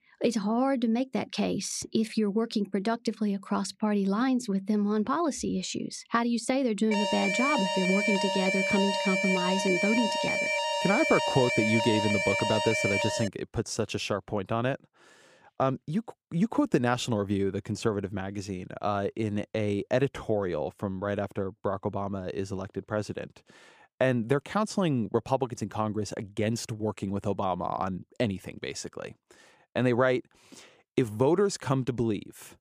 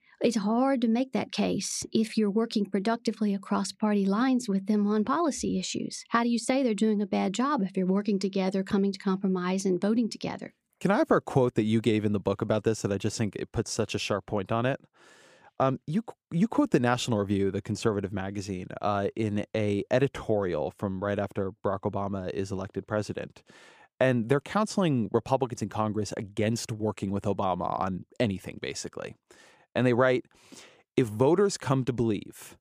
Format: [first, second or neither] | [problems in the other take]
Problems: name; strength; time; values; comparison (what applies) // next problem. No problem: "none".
second | alarm; loud; from 7 to 13 s; peak 3 dB above the speech